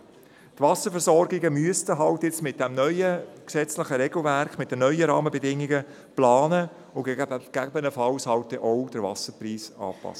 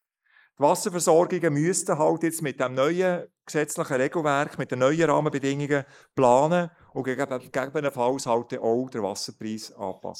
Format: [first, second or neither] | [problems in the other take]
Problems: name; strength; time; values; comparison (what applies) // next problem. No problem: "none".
first | noise reduction (neural mask model Resemble Enhance denoiser)